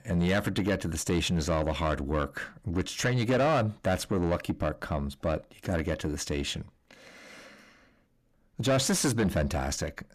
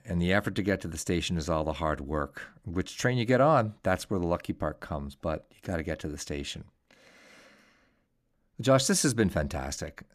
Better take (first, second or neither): second